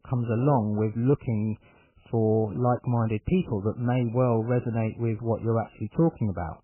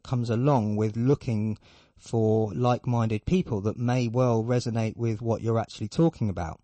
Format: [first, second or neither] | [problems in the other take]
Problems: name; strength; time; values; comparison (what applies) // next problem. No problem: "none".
second | garbled, watery; badly; nothing above 3 kHz; slightly in the second